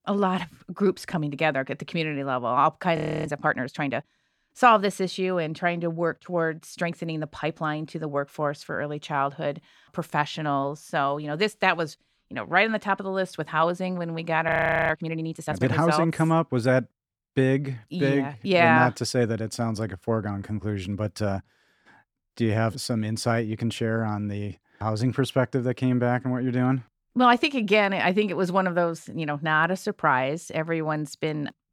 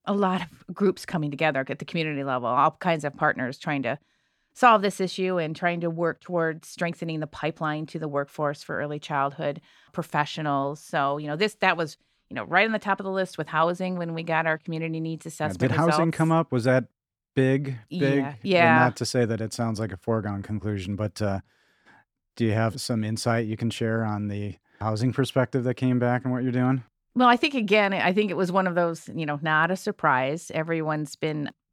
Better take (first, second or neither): second